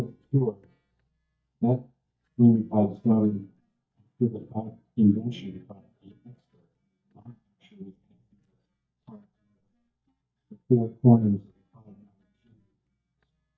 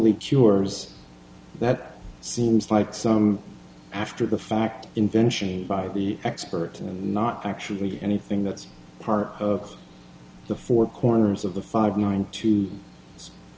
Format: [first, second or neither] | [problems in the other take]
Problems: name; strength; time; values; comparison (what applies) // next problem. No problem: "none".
second | noise reduction (neural mask model DeepFilterNet 3)